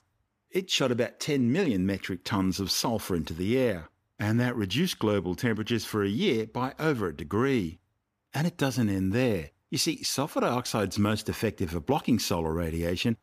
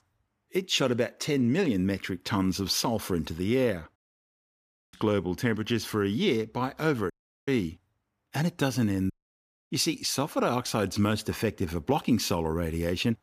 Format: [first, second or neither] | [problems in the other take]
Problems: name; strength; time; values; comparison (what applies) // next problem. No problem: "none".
first | audio cutting out; at 4 s for 1 s, at 7 s and at 9 s for 0.5 s